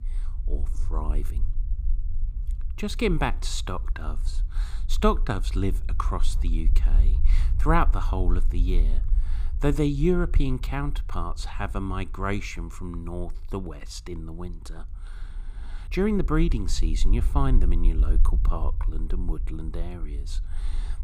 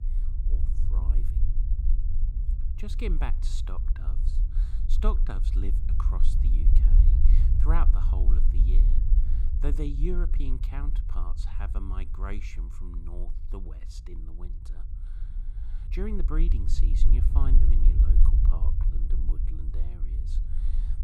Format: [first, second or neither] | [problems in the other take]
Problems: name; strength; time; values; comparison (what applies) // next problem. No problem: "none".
first | low rumble; loud; throughout; 6 dB below the speech; faint in the first